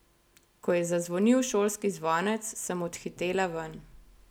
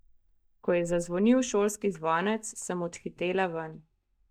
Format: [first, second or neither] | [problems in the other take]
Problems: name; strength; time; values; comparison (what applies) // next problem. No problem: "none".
first | noise reduction (neural mask model DeepFilterNet 3)